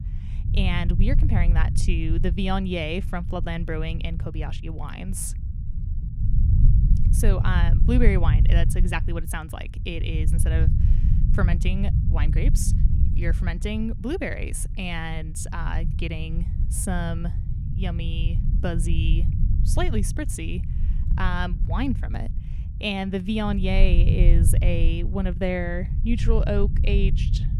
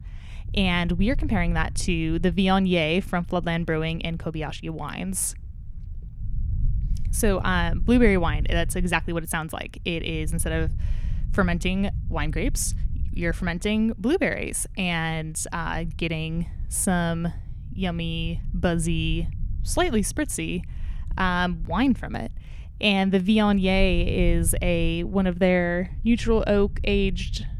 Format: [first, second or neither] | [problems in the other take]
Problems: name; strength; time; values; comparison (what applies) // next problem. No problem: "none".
second | low rumble; loud; throughout; 9 dB below the speech; faint in the second